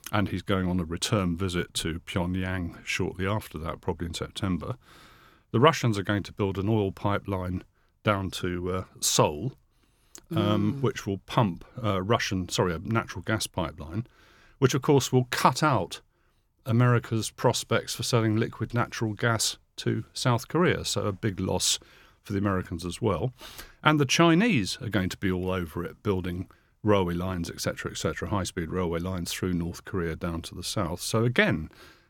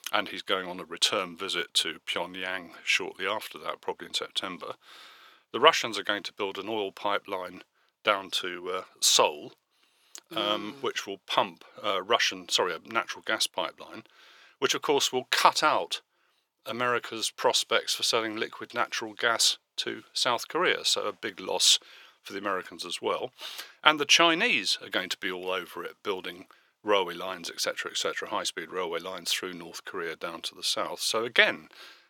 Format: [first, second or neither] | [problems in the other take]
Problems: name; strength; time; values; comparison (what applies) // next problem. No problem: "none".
first | thin; very; fading below 550 Hz